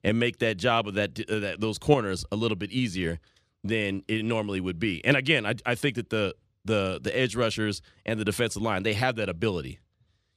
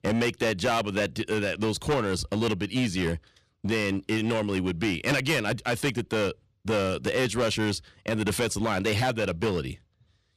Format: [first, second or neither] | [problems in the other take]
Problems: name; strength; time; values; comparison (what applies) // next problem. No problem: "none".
first | distortion; heavy; 11% of the sound clipped